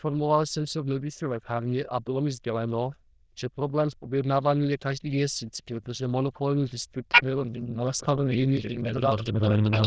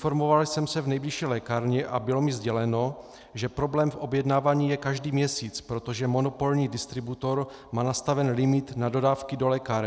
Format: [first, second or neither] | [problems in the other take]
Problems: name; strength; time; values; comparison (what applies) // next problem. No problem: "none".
second | noise reduction (neural diffusion model UNIVERSE++)